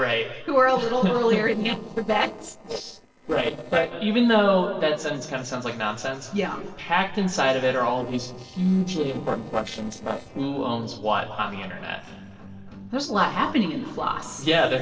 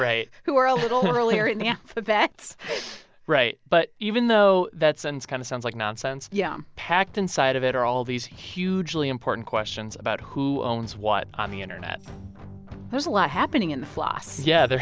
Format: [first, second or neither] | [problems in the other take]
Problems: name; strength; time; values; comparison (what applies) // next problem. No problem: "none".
second | noise reduction (neural separator model SepFormer DNS4)